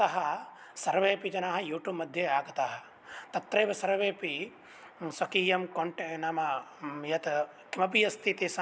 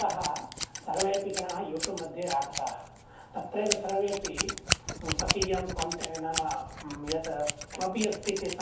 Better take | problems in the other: first | background sound (Scissors); 3 dB below the speech // room echo; dies away in 0.5 s

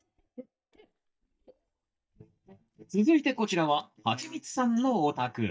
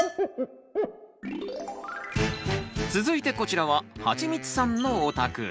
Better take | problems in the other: second | noise reduction (neural mask model DeepFilterNet 3)

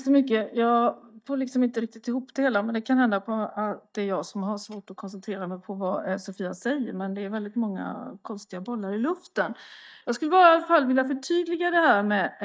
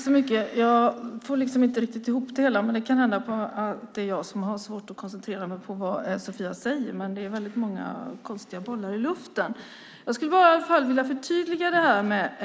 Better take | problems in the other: second | noise reduction (neural mask model DeepFilterNet 3)

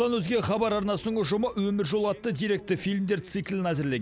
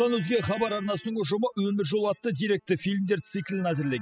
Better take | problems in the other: first | noise reduction (classical method spectral subtraction)

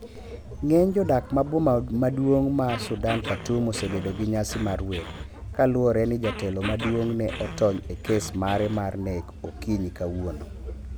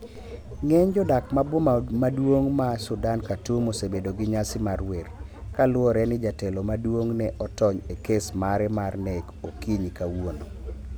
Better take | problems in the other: second | background sound (Growling); 12 dB below the speech

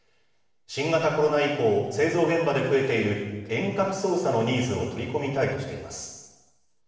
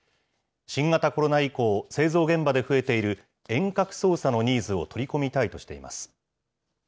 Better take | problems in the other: second | room echo; dies away in 1 s

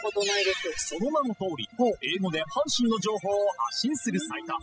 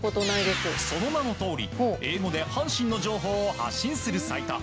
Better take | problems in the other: second | noise reduction (classical method spectral subtraction)

